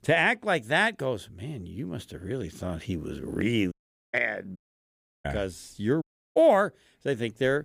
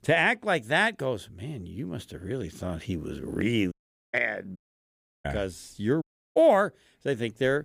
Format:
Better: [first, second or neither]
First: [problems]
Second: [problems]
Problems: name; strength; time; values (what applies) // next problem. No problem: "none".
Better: neither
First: audio cutting out; at 3.5 s, at 4.5 s for 0.5 s and at 6 s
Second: audio cutting out; at 3.5 s, at 4.5 s for 0.5 s and at 6 s